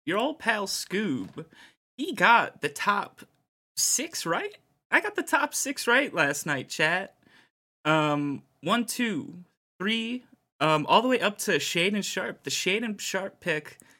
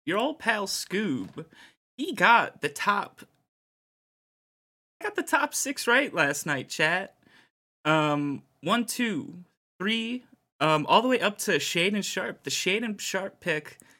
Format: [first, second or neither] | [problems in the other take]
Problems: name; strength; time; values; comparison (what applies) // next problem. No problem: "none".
first | audio cutting out; at 3.5 s for 1.5 s